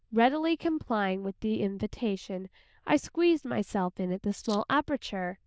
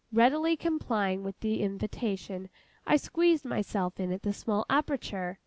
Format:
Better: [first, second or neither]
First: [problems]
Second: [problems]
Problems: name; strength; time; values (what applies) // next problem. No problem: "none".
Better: second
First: noise reduction (neural diffusion model UNIVERSE++)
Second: none